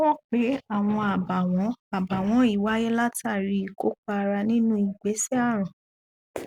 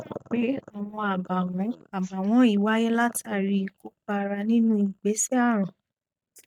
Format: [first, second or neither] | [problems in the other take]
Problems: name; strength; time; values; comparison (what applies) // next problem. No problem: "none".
first | noise reduction (neural mask model DeepFilterNet 3)